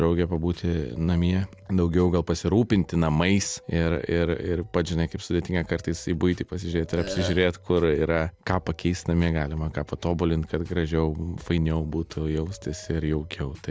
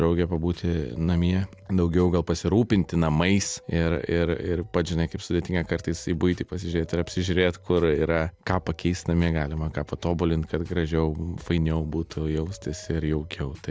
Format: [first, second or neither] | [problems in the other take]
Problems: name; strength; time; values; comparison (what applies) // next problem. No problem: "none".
second | background sound (Burping, eructation); 8 dB below the speech